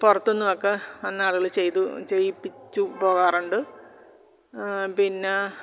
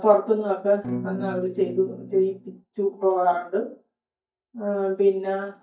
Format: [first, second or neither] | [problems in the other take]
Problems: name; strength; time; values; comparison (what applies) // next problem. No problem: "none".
first | noise reduction (neural mask model DeepFilterNet 3)